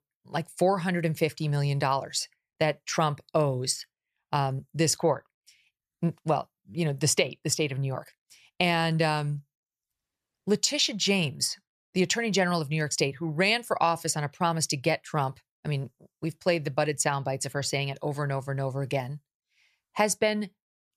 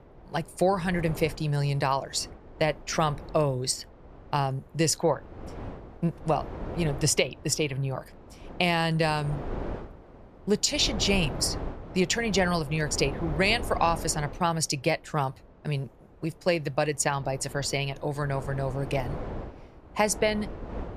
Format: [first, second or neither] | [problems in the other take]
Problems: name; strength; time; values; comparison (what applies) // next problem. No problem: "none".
first | wind noise on the microphone; occasional gusts; 15 dB below the speech